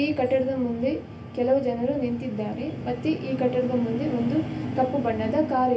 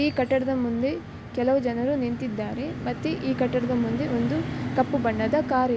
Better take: second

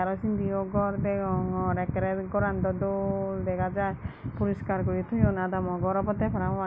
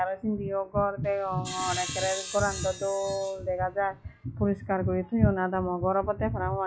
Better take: first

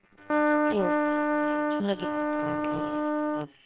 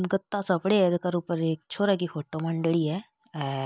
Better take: second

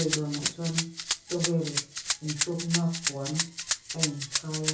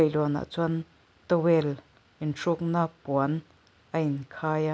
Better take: second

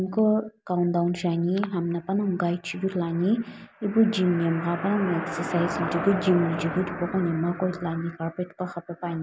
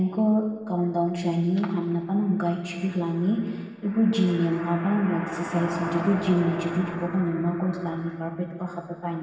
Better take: first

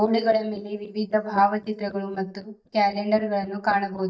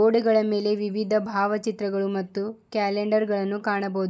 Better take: second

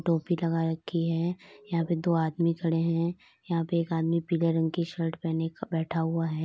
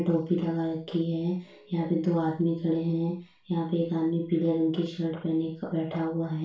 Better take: first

